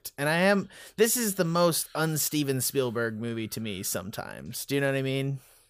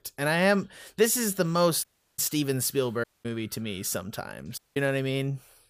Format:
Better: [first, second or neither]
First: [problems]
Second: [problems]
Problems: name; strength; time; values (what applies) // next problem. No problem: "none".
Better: first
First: none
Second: audio cutting out; at 2 s, at 3 s and at 4.5 s